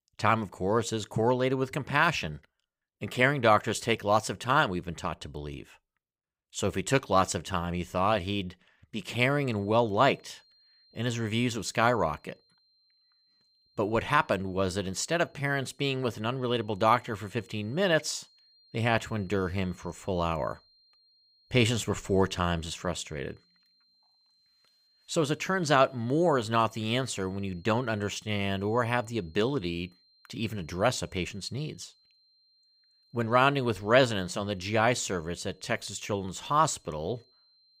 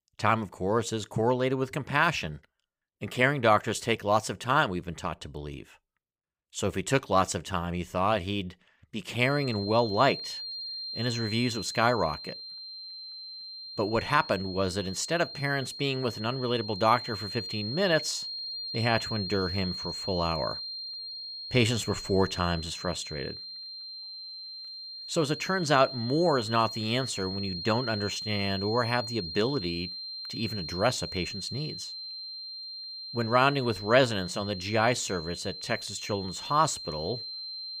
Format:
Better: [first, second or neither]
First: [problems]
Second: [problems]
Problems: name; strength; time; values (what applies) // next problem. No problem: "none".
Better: first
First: high-pitched whine; faint; from 9.5 s on; 4 kHz, 35 dB below the speech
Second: high-pitched whine; loud; from 9.5 s on; 4 kHz, 8 dB below the speech